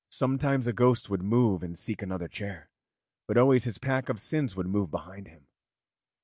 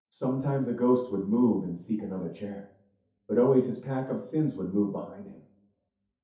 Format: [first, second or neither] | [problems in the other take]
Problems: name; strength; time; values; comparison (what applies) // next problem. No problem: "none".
first | room echo; dies away in 0.5 s